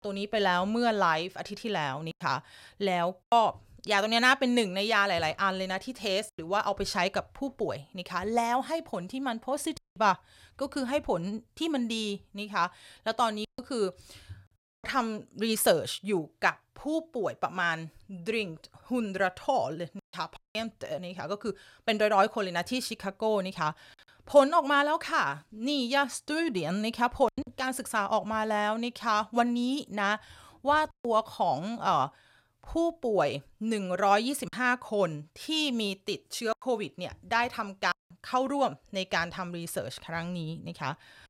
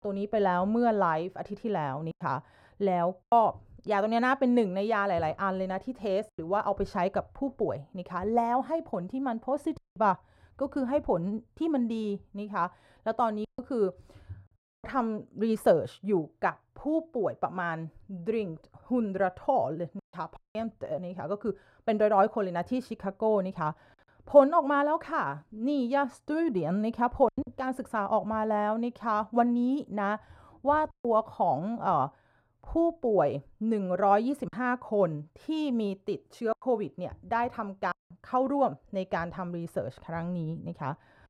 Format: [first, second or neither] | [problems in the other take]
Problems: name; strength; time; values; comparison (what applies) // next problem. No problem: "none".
first | muffled; very; fading above 2 kHz